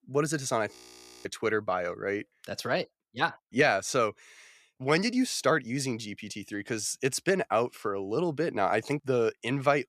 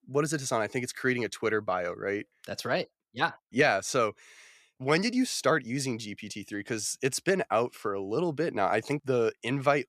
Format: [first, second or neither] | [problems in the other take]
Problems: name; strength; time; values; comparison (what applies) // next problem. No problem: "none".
second | audio freezing; at 0.5 s for 0.5 s